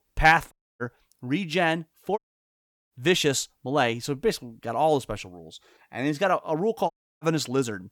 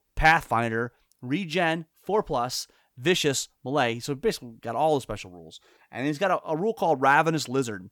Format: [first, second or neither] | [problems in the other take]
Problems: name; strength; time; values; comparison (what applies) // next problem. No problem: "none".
second | audio cutting out; at 0.5 s, at 2 s for 0.5 s and at 7 s